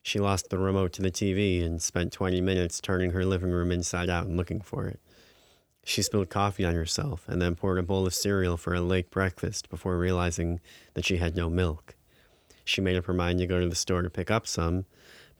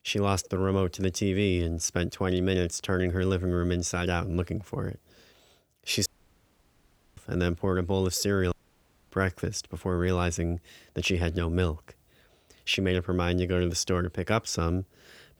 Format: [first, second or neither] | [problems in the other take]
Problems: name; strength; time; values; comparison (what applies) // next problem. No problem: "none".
first | audio cutting out; at 6 s for 1 s and at 8.5 s for 0.5 s